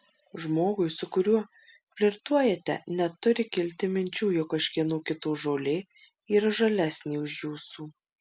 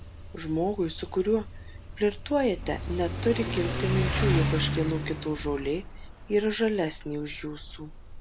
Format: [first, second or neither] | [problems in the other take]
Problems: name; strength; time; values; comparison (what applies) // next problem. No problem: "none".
first | background sound (Accelerating, revving, vroom / Car); 3 dB below the speech